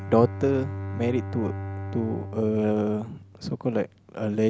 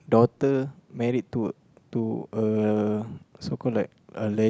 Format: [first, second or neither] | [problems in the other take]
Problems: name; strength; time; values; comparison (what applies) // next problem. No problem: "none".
second | background sound (Bowed string instrument); 9 dB below the speech